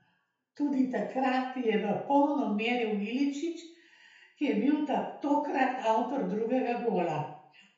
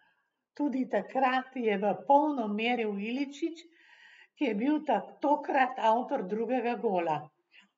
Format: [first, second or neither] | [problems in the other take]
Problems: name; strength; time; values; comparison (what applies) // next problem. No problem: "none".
second | room echo; dies away in 0.5 s